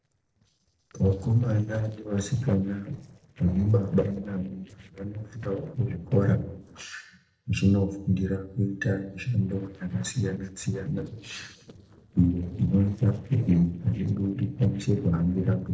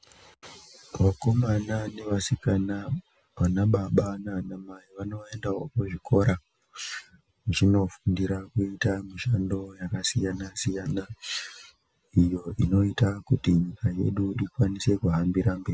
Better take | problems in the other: second | noise reduction (neural separator model SepFormer DNS4)

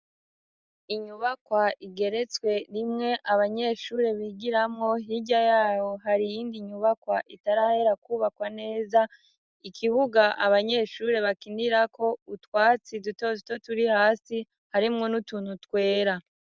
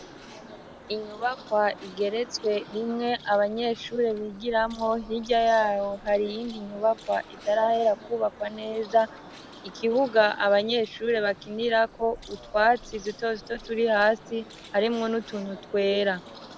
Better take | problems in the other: first | background sound (Bird); 19 dB below the speech

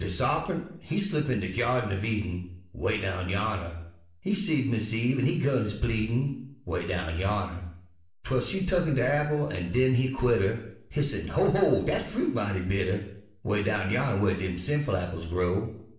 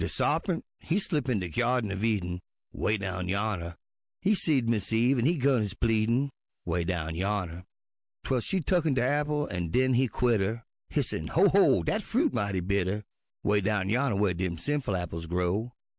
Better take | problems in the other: second | room echo; dies away in 0.6 s

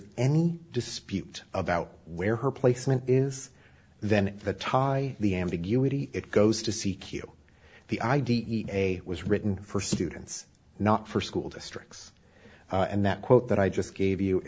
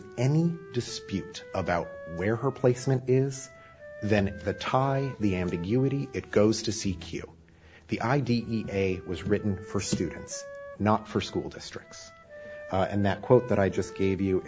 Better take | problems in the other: first | background sound (Bowed string instrument + Wind instrument, woodwind instrument); 17 dB below the speech

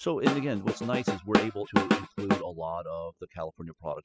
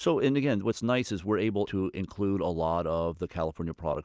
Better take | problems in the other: second | noise reduction (classical method spectral subtraction)

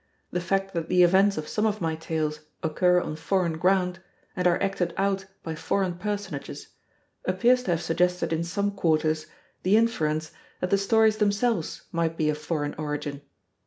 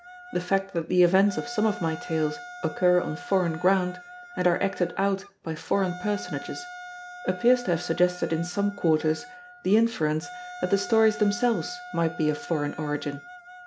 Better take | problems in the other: first | background sound (Wind instrument, woodwind instrument); 16 dB below the speech

